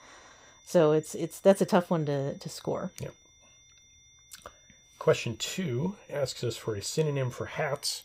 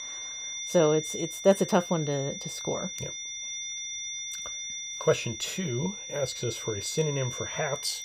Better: first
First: high-pitched whine; faint; throughout; 6 kHz, 30 dB below the speech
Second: high-pitched whine; loud; throughout; 6 kHz, 6 dB below the speech

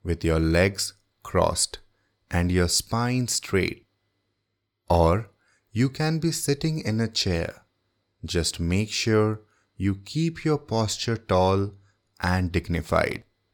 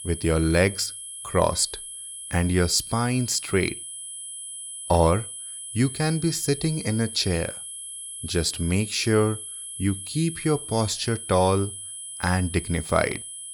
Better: first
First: none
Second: high-pitched whine; loud; throughout; 10.5 kHz, 10 dB below the speech

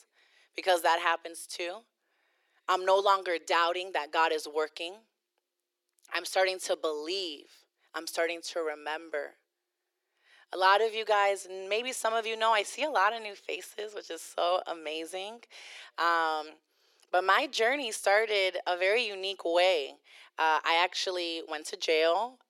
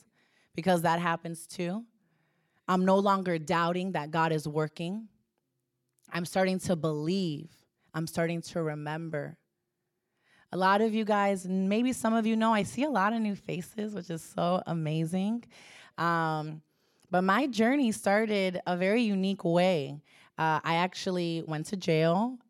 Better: second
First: thin; very; fading below 350 Hz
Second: none

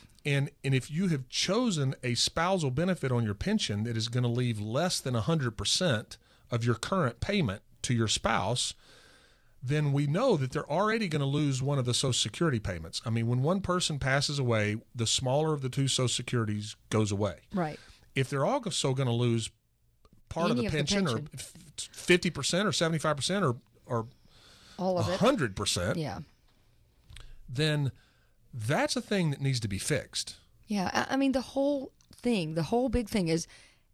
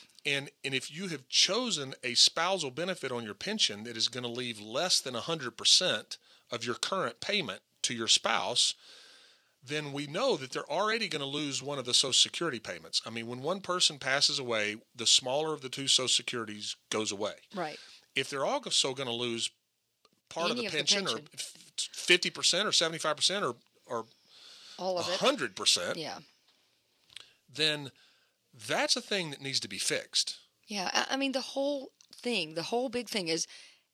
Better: first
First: none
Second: thin; somewhat; fading below 300 Hz

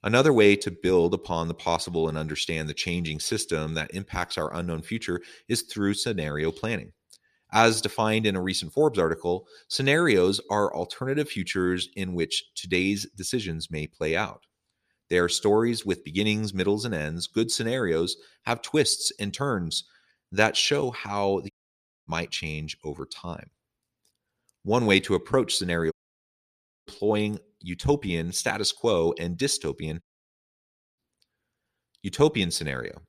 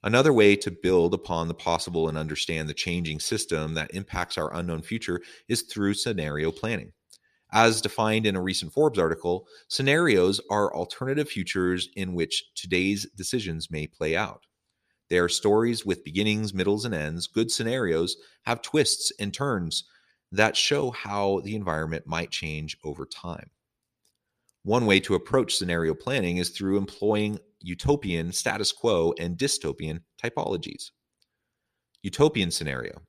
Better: second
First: audio cutting out; at 22 s for 0.5 s, at 26 s for 1 s and at 30 s for 1 s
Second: none

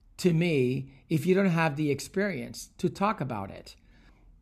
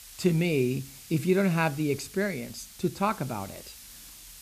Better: first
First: none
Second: hiss; noticeable; throughout; 15 dB below the speech

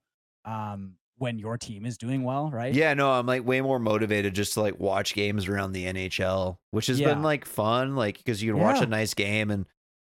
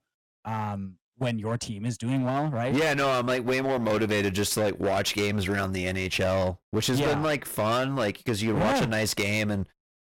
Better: first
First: none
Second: distortion; heavy; 18% of the sound clipped

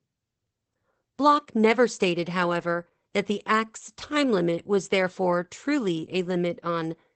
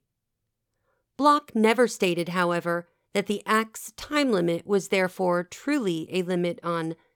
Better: second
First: garbled, watery; badly; nothing above 8 kHz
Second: none

